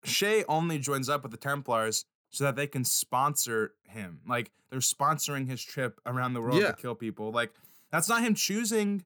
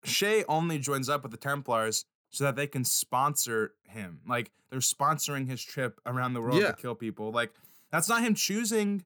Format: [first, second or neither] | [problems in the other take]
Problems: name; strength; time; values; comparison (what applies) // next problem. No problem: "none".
neither | none